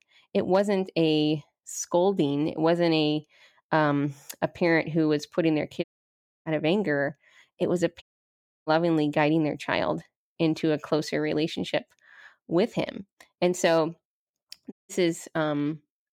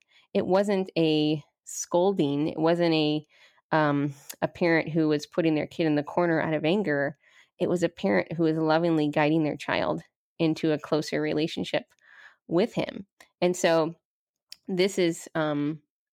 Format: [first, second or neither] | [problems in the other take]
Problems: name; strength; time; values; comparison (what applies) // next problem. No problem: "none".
second | audio cutting out; at 6 s for 0.5 s, at 8 s for 0.5 s and at 15 s